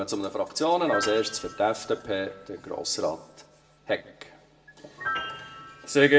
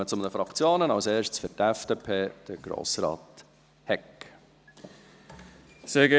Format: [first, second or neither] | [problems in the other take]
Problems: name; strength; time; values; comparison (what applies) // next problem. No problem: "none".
second | background sound (Piano); 12 dB below the speech // room echo; dies away in 0.6 s